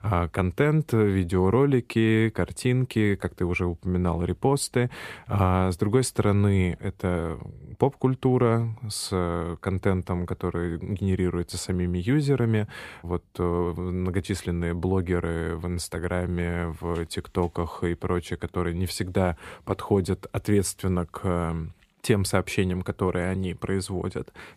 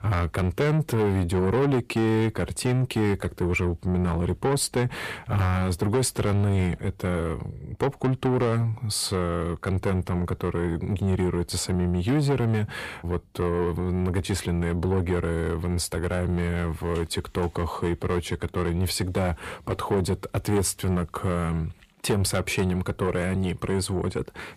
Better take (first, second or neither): first